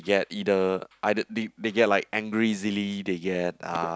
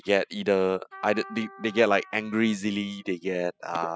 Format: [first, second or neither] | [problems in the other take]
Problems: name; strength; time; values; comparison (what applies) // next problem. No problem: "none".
first | noise reduction (classical method spectral subtraction)